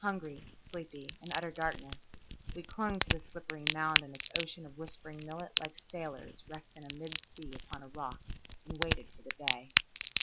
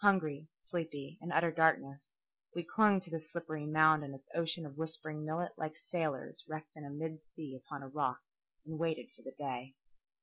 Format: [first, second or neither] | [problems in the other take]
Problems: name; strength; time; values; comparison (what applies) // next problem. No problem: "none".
second | background sound (Crack); 3 dB above the speech